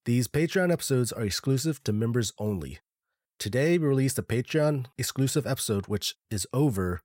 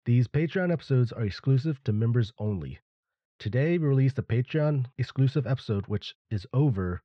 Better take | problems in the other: first | muffled; slightly; fading above 3.5 kHz

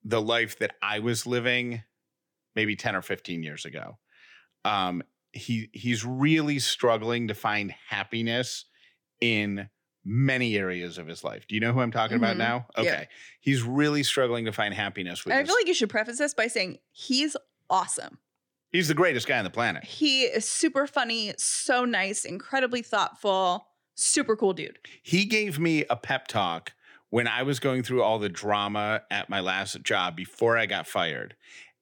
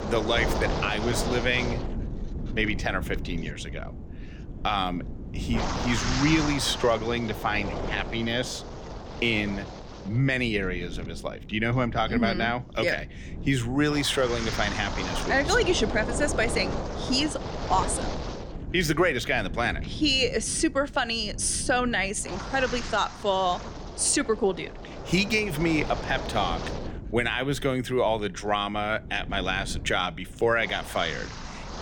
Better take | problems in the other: first | wind noise on the microphone; heavy; 9 dB below the speech

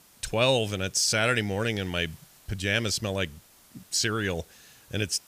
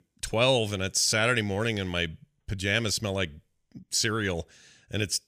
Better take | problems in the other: second | hiss; faint; throughout; 25 dB below the speech

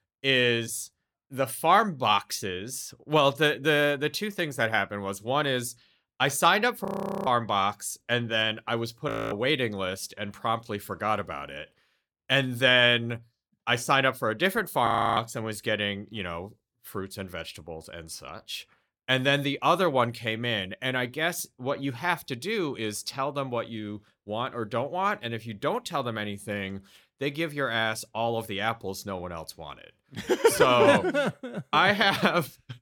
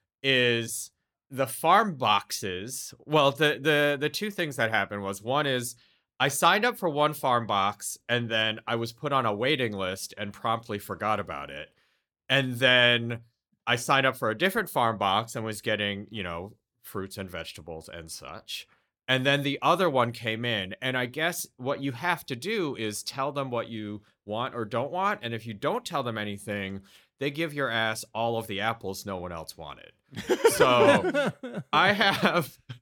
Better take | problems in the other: second | audio freezing; at 7 s, at 9 s and at 15 s

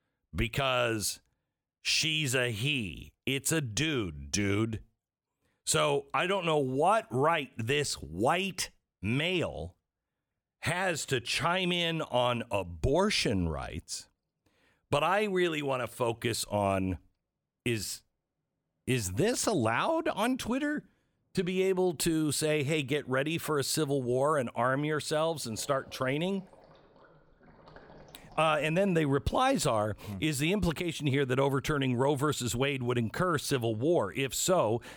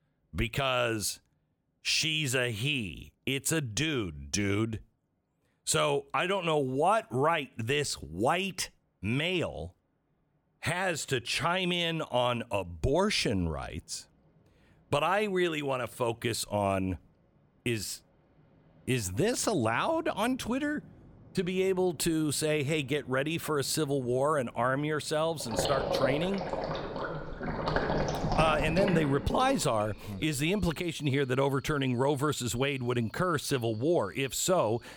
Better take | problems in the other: first | rain or running water; loud; throughout; 4 dB below the speech; faint in the first

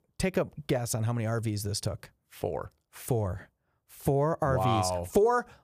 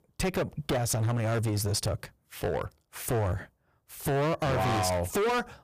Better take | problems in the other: first | distortion; heavy; 23% of the sound clipped

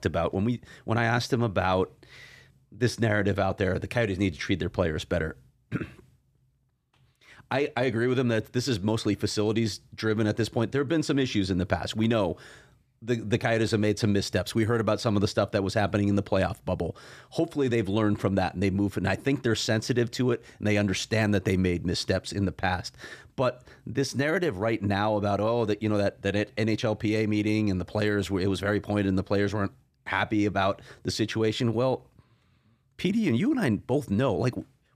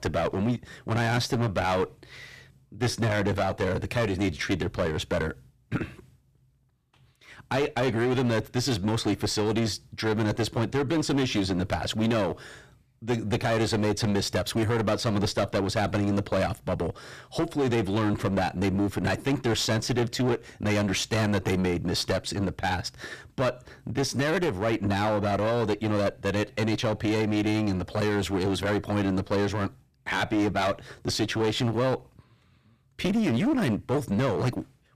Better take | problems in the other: first | distortion; heavy; 14% of the sound clipped

